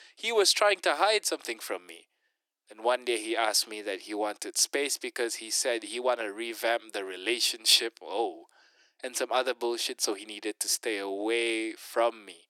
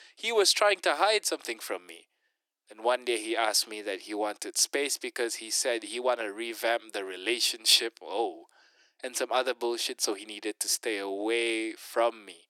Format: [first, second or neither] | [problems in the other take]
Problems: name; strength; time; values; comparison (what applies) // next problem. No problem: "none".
neither | thin; very; fading below 350 Hz; the same in both